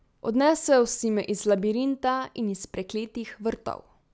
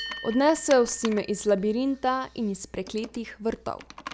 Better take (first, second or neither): first